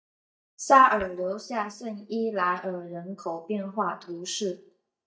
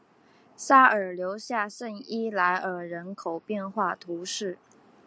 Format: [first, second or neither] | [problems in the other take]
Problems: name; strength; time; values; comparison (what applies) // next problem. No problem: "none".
second | noise reduction (neural mask model DeepFilterNet 3)